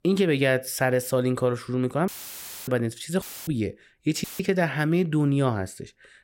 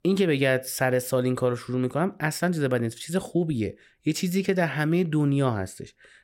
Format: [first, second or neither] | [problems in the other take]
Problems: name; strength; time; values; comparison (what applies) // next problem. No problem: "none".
second | audio cutting out; filled with static; at 2 s for 0.5 s, at 3 s and at 4 s